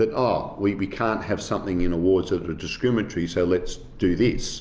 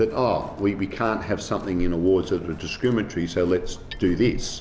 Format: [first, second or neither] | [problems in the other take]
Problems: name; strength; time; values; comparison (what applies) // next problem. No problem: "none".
first | background sound (Crowd + Hammer); 20 dB below the speech